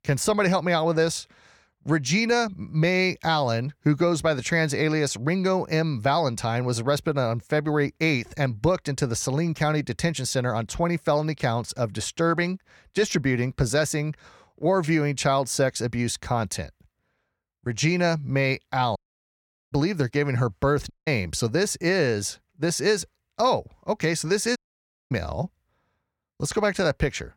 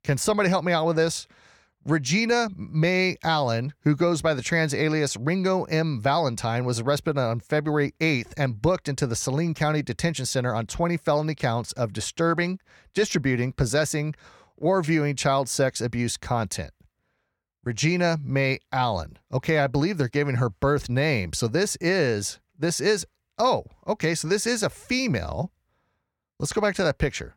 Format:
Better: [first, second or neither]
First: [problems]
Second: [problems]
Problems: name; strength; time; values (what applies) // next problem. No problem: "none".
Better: second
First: audio cutting out; at 19 s for 1 s, at 21 s and at 25 s for 0.5 s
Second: none